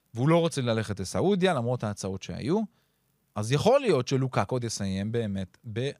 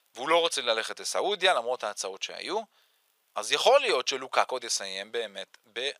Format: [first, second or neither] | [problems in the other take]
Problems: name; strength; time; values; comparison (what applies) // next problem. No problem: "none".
first | thin; very; fading below 550 Hz